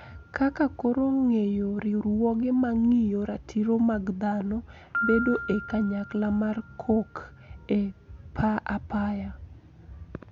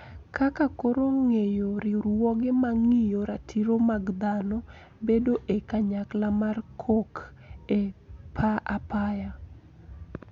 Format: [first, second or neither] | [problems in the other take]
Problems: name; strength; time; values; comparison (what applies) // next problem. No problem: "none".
second | background sound (Piano); 14 dB below the speech